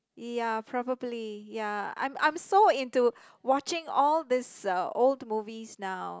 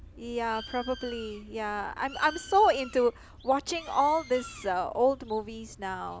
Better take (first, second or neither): first